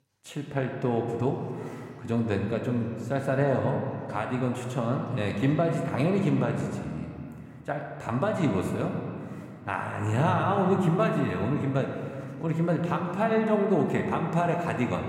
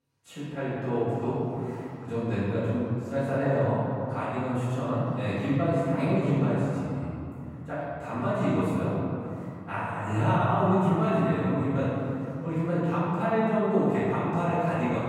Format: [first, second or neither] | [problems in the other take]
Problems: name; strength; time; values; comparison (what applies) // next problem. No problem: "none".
first | room echo; strong; dies away in 3 s; slight in the first // off-mic speech; far